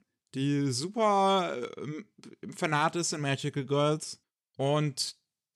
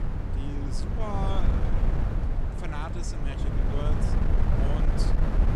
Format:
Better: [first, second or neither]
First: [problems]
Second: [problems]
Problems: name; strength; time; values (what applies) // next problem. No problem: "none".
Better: first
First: none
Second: wind noise on the microphone; heavy; 1 dB above the speech